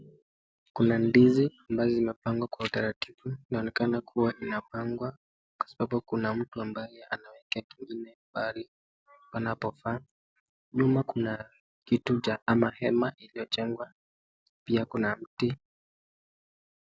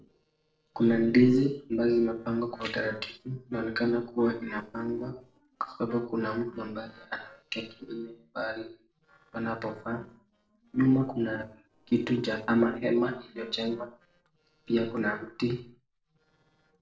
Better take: first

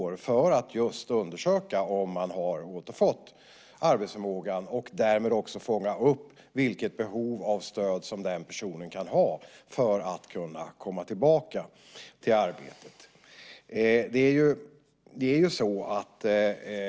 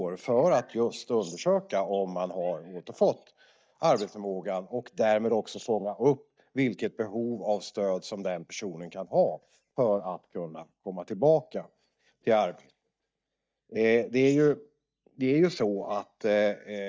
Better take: first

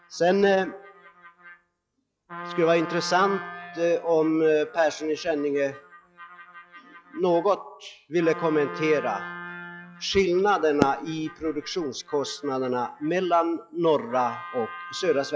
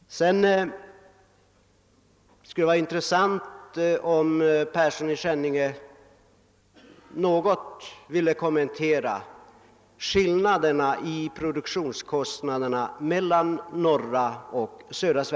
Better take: second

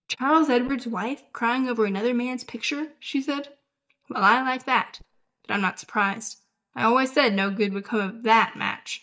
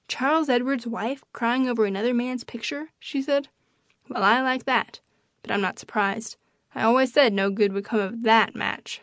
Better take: second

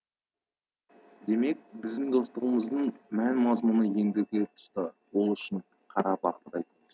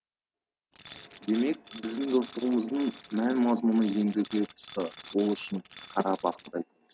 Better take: first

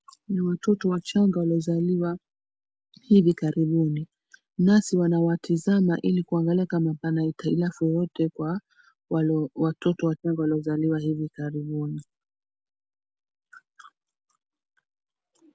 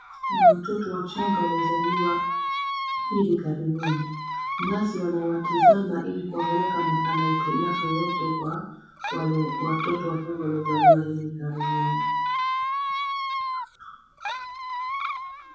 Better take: first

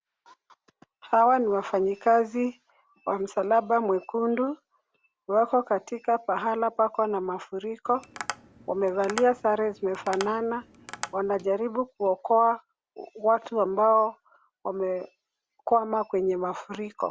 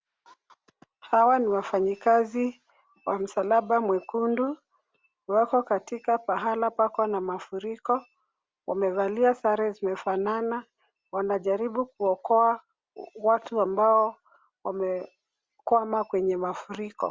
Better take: second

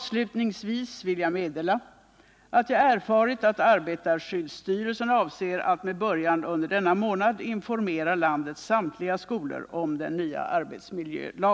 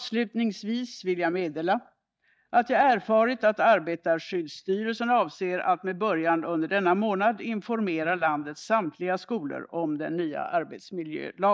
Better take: first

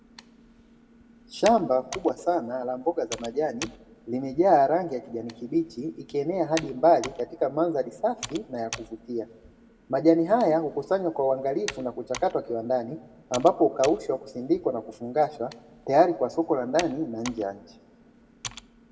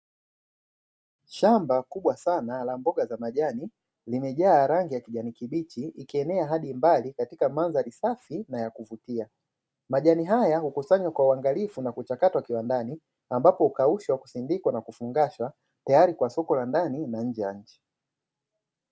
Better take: second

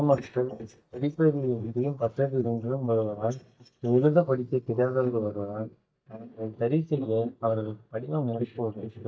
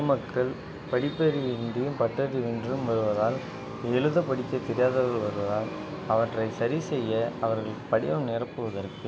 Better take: second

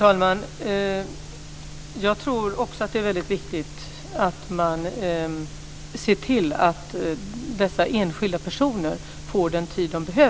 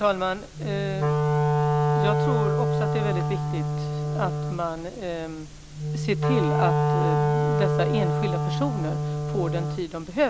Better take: first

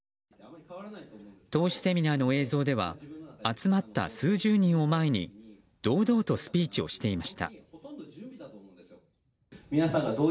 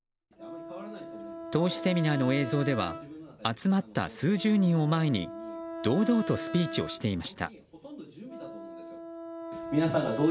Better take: first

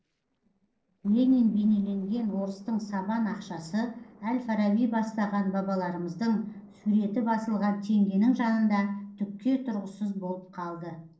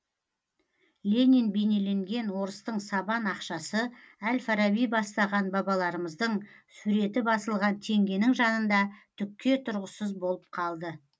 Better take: second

